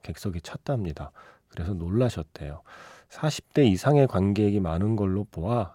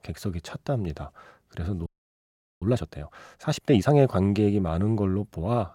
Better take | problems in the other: first | audio freezing; at 2 s for 1 s

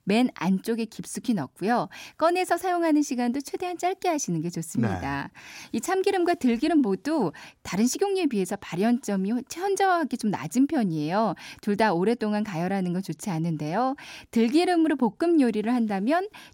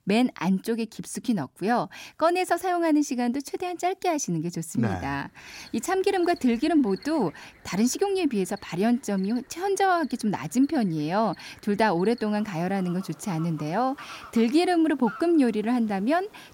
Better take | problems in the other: first | animal sounds; faint; from 5 s on; 25 dB below the speech

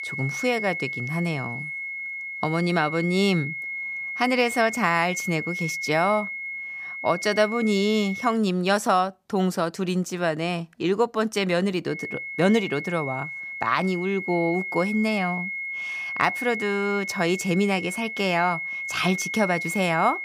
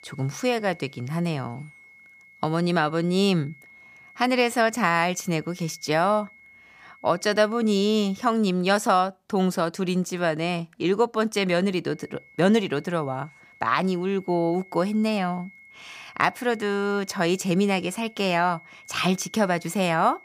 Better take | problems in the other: second | high-pitched whine; loud; until 8.5 s and from 12 s on; 2 kHz, 6 dB below the speech; faint in the second

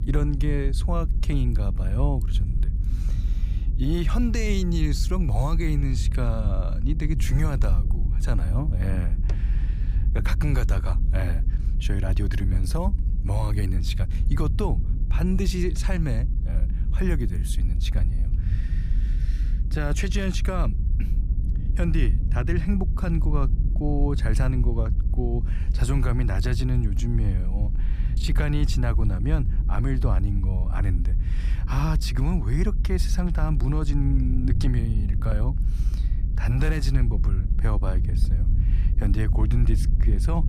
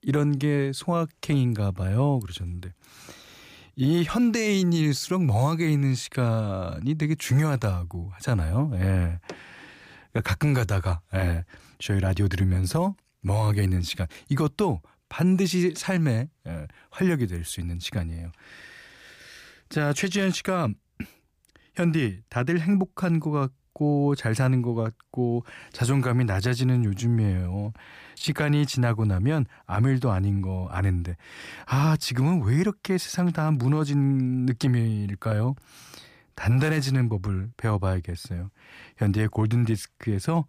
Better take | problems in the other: second | low rumble; noticeable; throughout; 10 dB below the speech

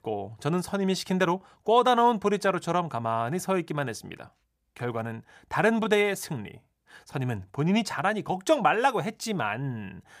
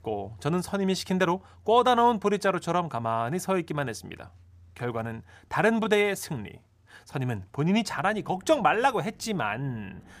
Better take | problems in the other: first | traffic noise; faint; throughout; 30 dB below the speech

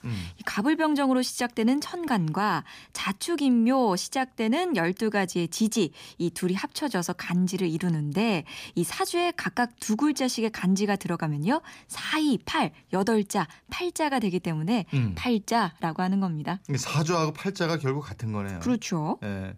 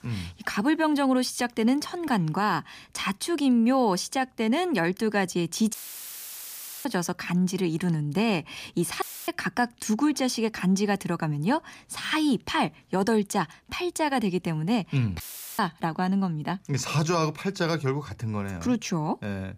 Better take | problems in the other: first | audio cutting out; filled with static; at 5.5 s for 1 s, at 9 s and at 15 s

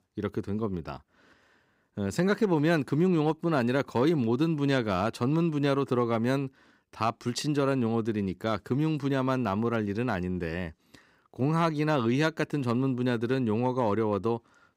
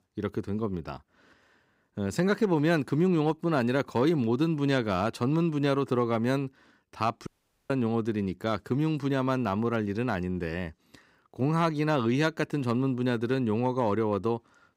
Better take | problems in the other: first | audio cutting out; at 7.5 s

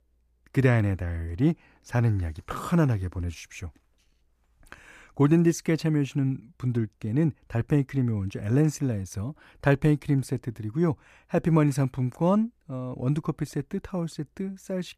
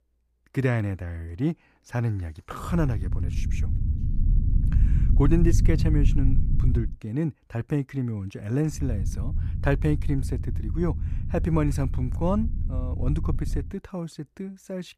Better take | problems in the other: first | low rumble; loud; from 2.5 to 7 s and from 9 to 14 s; 10 dB below the speech

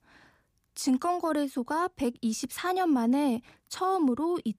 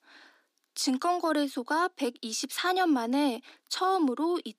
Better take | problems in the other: first | thin; very slightly; fading below 300 Hz

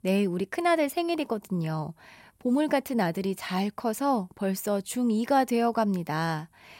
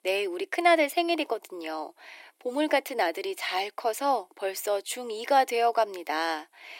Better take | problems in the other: first | thin; very; fading below 300 Hz

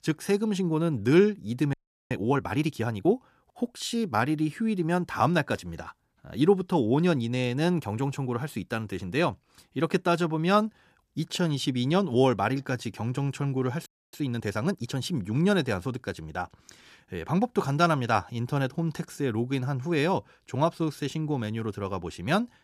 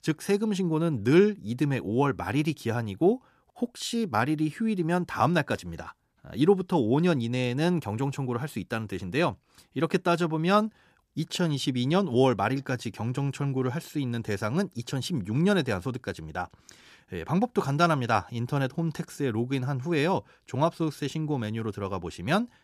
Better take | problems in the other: second | audio freezing; at 1.5 s and at 14 s

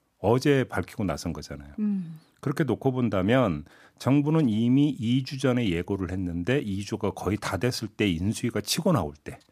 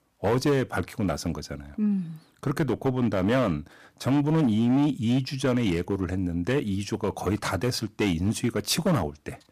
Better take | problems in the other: first | distortion; slight; 7% of the sound clipped

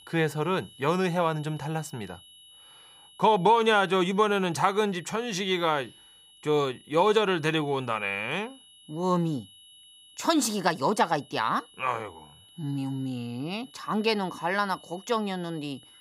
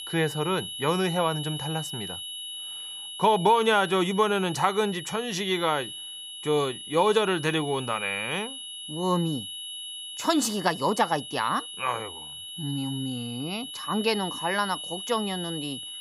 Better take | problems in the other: first | high-pitched whine; loud; throughout; 3 kHz, 9 dB below the speech; faint in the first

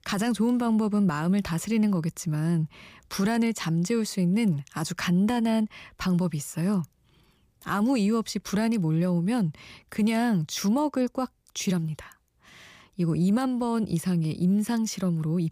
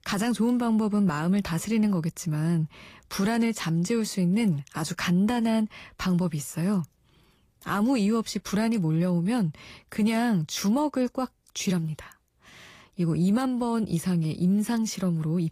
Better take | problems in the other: first | garbled, watery; slightly; nothing above 15 kHz

